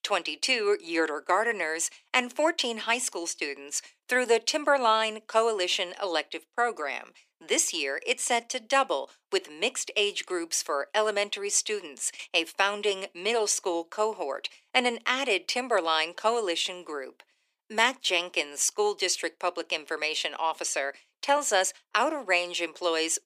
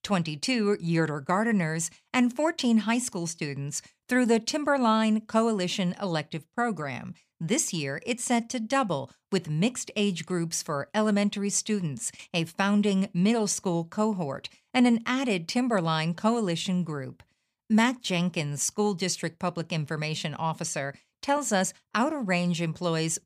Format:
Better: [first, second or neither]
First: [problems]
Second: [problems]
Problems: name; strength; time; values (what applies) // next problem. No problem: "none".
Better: second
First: thin; very; fading below 350 Hz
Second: none